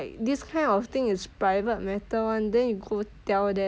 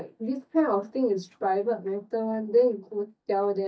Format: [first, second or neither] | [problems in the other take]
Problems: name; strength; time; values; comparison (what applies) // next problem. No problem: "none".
first | noise reduction (neural mask model DeepFilterNet 3)